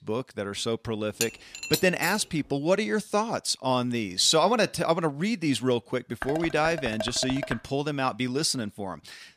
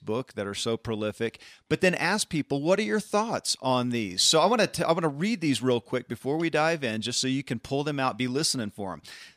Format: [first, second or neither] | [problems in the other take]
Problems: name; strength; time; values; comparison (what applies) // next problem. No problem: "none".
second | clattering dishes; noticeable; at 1 s and from 6 to 7.5 s; peak 4 dB below the speech